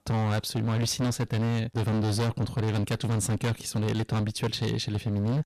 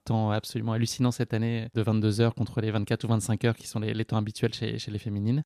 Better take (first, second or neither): second